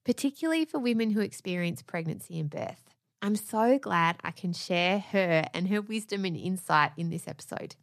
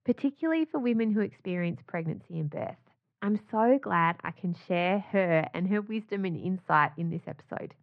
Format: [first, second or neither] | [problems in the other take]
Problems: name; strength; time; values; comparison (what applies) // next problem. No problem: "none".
first | muffled; very; fading above 2 kHz